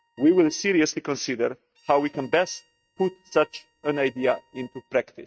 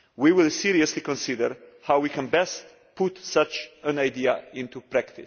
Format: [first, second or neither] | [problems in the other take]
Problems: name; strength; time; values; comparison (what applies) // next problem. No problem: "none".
second | noise reduction (neural mask model RNNoise)